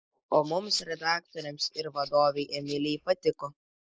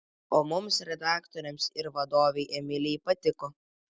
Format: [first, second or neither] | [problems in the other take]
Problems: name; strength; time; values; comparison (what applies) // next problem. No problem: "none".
second | noise reduction (neural mask model Resemble Enhance denoiser)